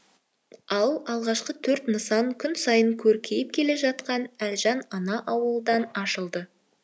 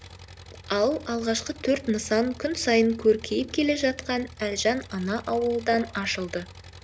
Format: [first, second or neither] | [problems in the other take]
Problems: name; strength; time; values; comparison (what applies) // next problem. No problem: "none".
first | background sound (Engine); 19 dB below the speech